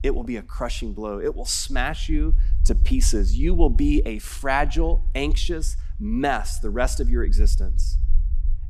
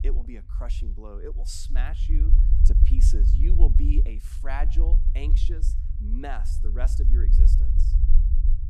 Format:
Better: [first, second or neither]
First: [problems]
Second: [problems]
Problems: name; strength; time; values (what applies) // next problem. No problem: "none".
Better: first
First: low rumble; faint; throughout; 25 dB below the speech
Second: low rumble; loud; throughout; 5 dB below the speech